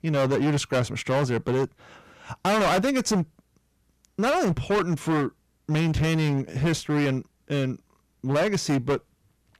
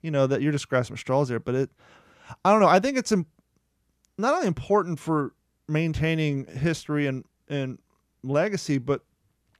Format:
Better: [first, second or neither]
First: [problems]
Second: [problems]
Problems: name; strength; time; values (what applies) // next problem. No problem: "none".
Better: second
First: distortion; heavy; 17% of the sound clipped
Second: none